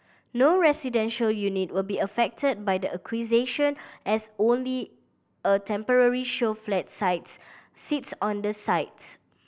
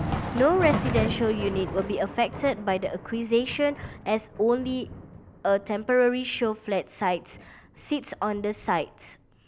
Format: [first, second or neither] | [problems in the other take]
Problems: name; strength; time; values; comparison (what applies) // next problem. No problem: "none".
first | background sound (Thunder); 8 dB below the speech